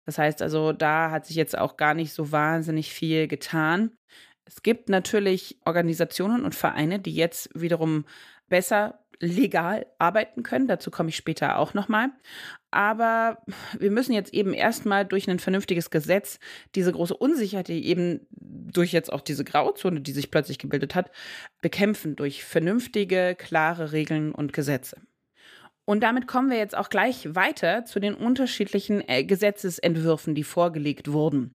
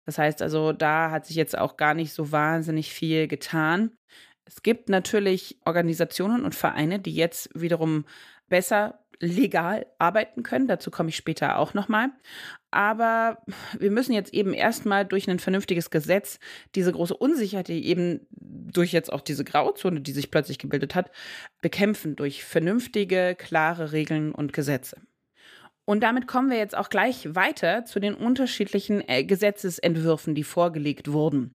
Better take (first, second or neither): neither